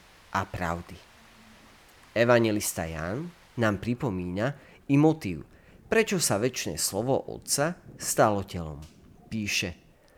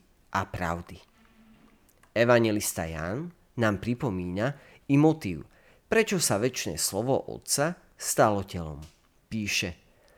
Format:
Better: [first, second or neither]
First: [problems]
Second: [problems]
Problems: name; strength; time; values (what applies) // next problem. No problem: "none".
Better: second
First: rain or running water; faint; throughout; 30 dB below the speech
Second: none